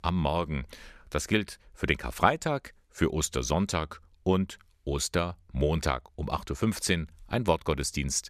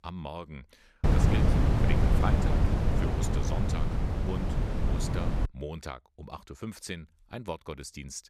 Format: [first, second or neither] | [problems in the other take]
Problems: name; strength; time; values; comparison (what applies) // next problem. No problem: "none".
first | wind noise on the microphone; heavy; from 1 to 5.5 s; 4 dB above the speech